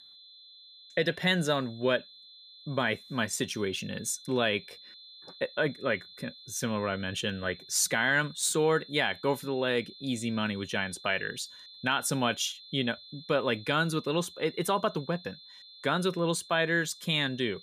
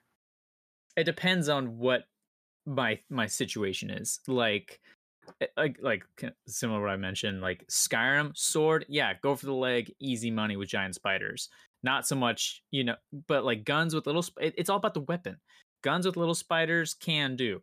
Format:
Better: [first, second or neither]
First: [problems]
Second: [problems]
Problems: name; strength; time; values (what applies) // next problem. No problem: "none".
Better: second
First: high-pitched whine; noticeable; throughout; 4 kHz, 20 dB below the speech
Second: none